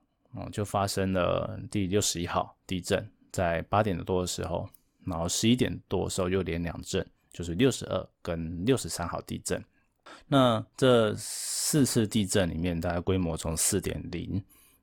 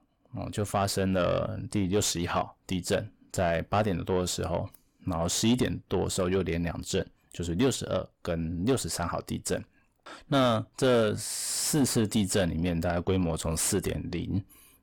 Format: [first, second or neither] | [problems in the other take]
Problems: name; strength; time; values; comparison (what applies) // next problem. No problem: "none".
first | distortion; slight; 10 dB below the speech